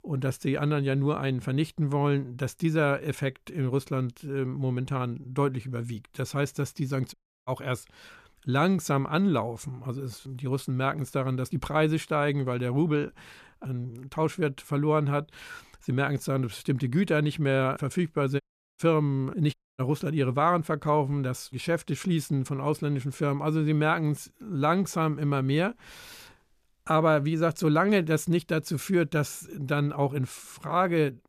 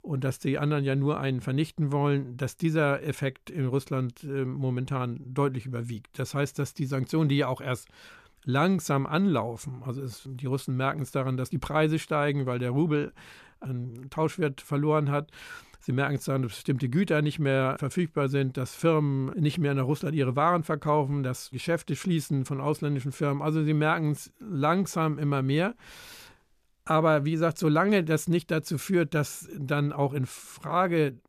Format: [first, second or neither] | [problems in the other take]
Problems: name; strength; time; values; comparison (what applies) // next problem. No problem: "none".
second | audio cutting out; at 7 s, at 18 s and at 20 s